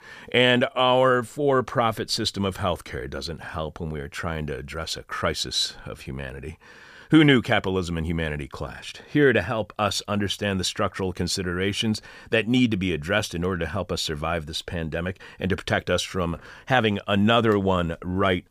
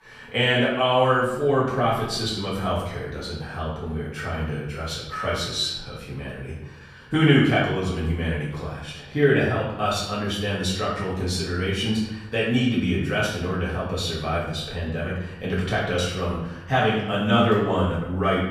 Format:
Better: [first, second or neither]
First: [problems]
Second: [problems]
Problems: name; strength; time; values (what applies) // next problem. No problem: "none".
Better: first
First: none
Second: room echo; noticeable; dies away in 0.8 s // off-mic speech; far